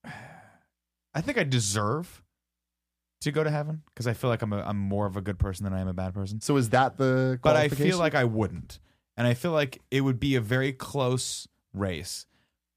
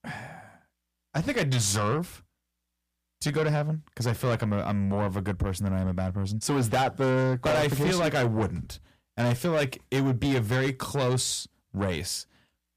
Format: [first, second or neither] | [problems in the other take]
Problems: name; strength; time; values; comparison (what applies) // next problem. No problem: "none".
first | distortion; heavy; 7 dB below the speech